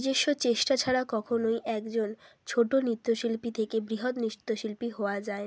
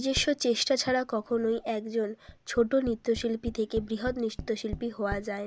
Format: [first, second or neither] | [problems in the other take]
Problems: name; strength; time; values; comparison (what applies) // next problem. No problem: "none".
first | background sound (Tap); 14 dB below the speech